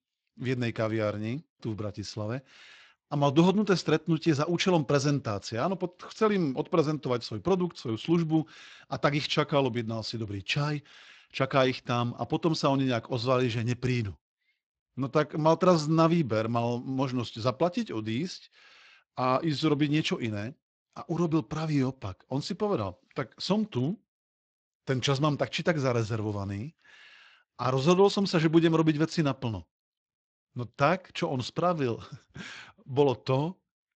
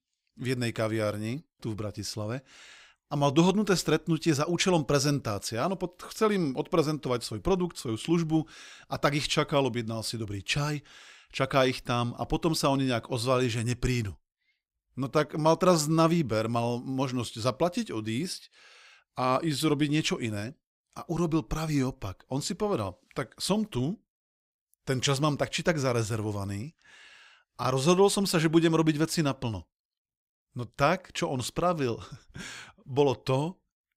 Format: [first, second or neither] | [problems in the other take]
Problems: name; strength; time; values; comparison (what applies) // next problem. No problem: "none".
second | garbled, watery; slightly; nothing above 7.5 kHz